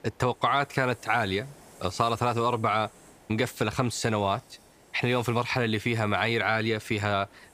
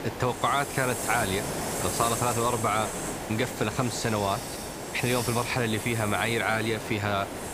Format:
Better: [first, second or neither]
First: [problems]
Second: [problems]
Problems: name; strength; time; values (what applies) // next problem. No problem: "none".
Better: first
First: hiss; faint; throughout; 25 dB below the speech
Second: hiss; loud; throughout; 5 dB below the speech